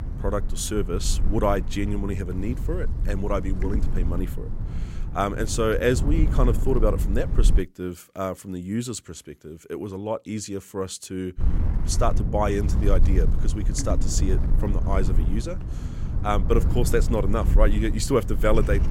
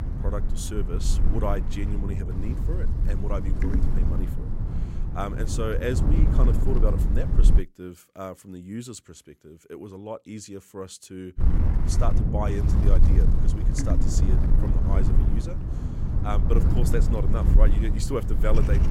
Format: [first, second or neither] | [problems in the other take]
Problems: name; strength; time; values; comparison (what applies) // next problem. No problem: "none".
first | wind noise on the microphone; heavy; until 7.5 s and from 11 s on; 3 dB below the speech; occasional gusts in the first